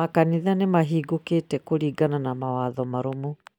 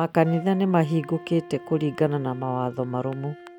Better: first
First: none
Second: background sound (Wind instrument, woodwind instrument); 18 dB below the speech

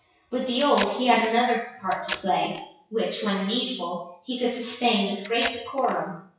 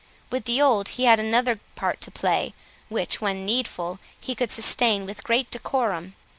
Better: second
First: noise reduction (classical method WPE with log-MMSE)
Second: none

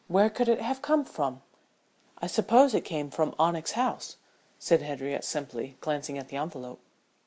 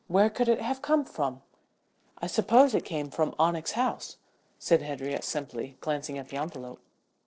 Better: first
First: none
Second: noise reduction (neural separator model SepFormer DNS4)

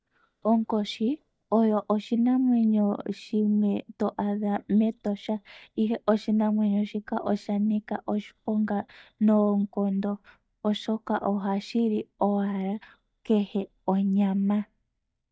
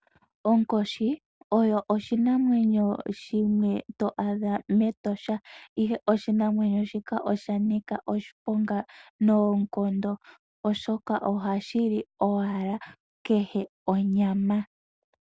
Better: second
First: noise reduction (neural mask model DeepFilterNet 3)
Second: none

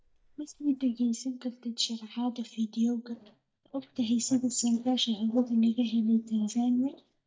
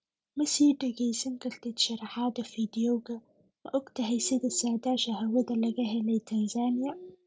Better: second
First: noise reduction (neural mask model DeepFilterNet 3)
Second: none

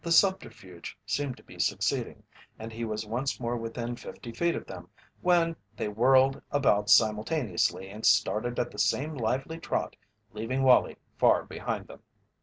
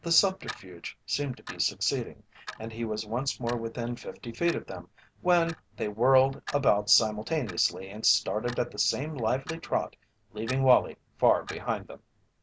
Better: first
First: none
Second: background sound (Clock); 19 dB below the speech

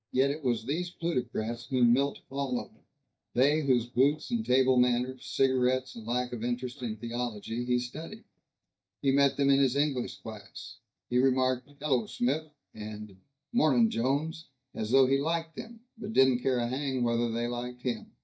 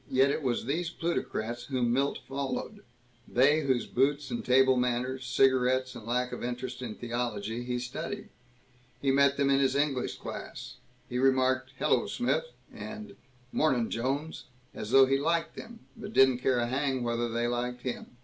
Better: second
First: noise reduction (neural mask model DeepFilterNet 3)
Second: none

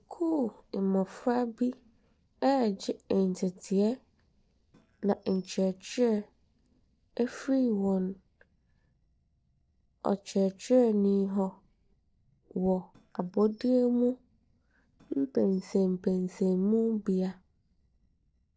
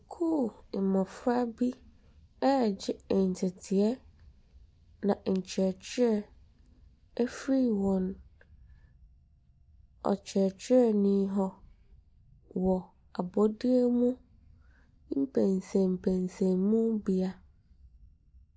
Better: second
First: noise reduction (neural separator model SepFormer DNS4)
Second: none

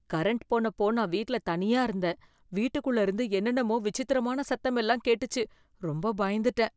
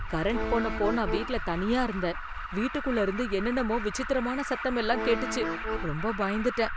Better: first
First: none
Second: background sound (Alarm + Accordion); 4 dB below the speech

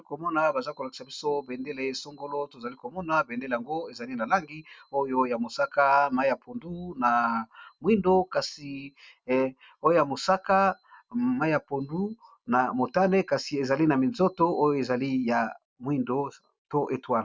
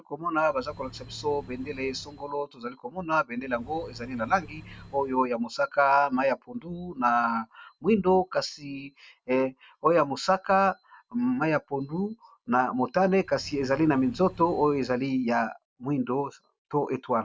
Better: first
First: none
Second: background sound (Accelerating, revving, vroom / Car); 20 dB below the speech

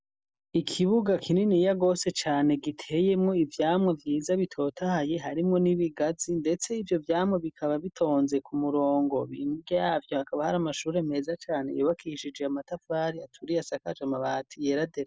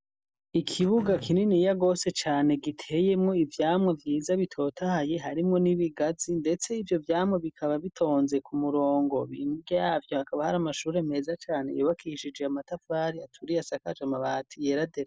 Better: first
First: none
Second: background sound (Cough); 18 dB below the speech

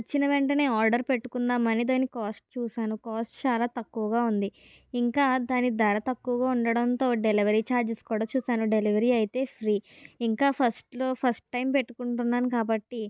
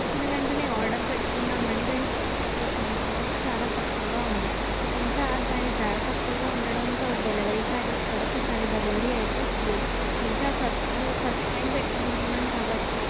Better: first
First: none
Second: background sound (Water); 5 dB above the speech

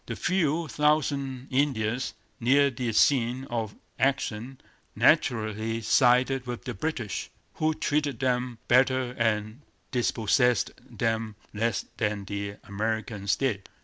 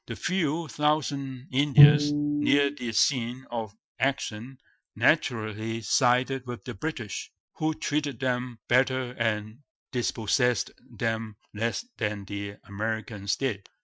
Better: first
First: none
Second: noise reduction (classical method Wiener filter)

